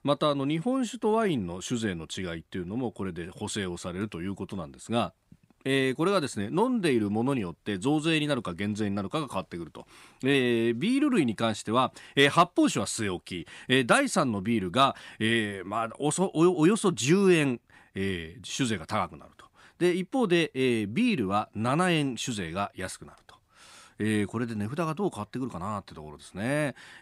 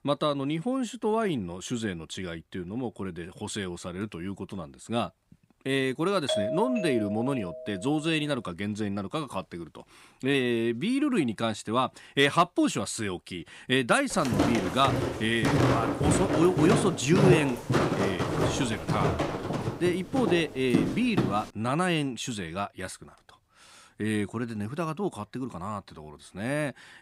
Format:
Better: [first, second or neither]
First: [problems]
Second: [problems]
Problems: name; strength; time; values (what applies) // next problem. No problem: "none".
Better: first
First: none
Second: doorbell; noticeable; from 6.5 to 8 s; peak level with the speech // footsteps; loud; from 14 to 21 s; peak 5 dB above the speech